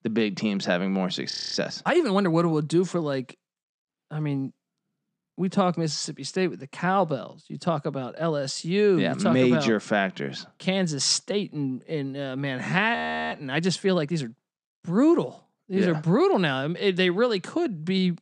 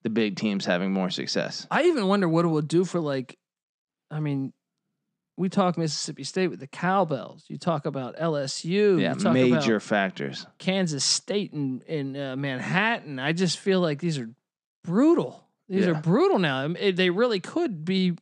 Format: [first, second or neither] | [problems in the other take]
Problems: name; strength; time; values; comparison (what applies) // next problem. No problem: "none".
second | audio freezing; at 1.5 s and at 13 s